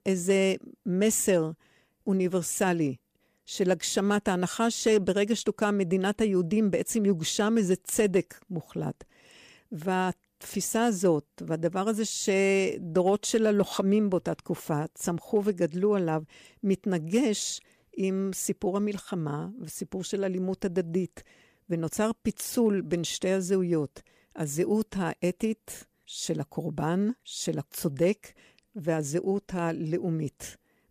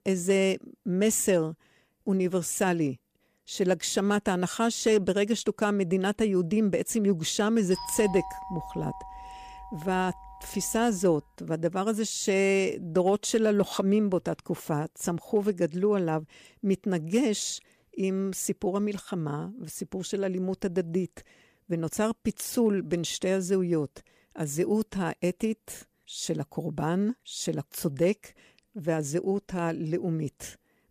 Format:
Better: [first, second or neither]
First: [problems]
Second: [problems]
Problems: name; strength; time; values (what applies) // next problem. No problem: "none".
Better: first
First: none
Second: doorbell; noticeable; from 7.5 to 11 s; peak 9 dB below the speech